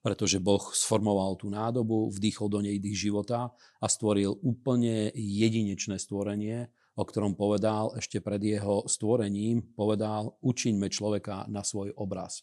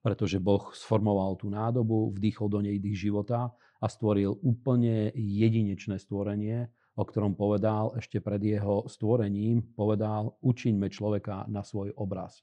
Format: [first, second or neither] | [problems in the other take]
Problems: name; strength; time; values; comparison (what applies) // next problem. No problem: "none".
first | muffled; very; fading above 2.5 kHz